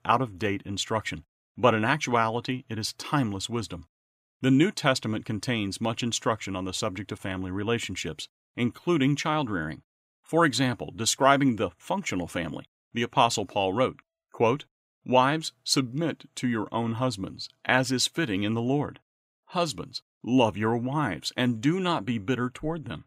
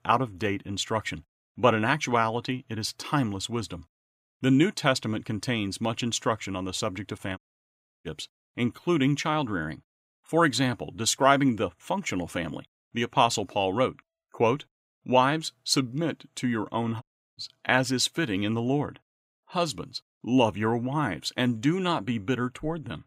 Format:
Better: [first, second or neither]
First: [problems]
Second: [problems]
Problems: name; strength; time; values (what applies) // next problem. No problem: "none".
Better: first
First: none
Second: audio cutting out; at 7.5 s for 0.5 s and at 17 s